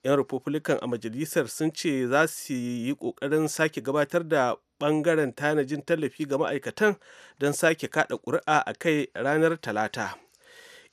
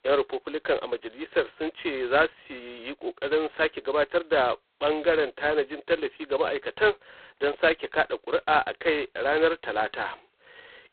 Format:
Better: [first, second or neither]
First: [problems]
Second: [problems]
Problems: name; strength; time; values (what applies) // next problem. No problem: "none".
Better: first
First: none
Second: phone-call audio; poor line; nothing above 4 kHz